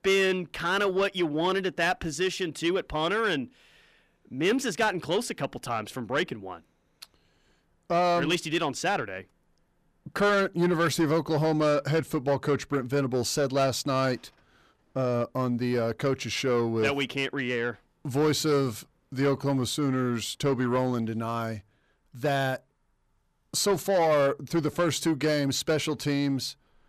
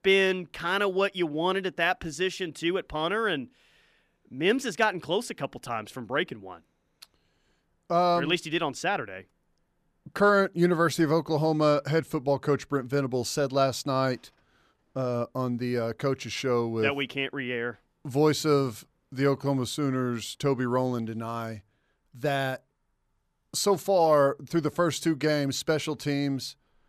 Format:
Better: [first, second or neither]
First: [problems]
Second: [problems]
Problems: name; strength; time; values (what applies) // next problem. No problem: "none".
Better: second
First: distortion; slight; 10 dB below the speech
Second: none